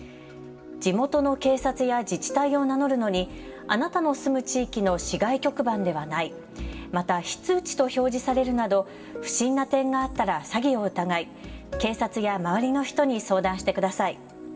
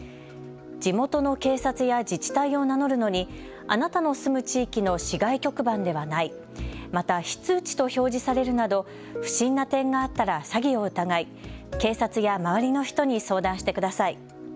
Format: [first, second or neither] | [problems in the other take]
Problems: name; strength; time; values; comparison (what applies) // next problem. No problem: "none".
second | room echo; dies away in 1.7 s